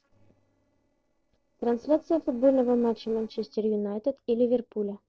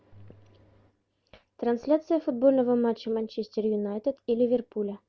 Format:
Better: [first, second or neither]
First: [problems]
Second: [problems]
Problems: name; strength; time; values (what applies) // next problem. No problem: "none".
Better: second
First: noise reduction (neural separator model SepFormer DNS4)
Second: none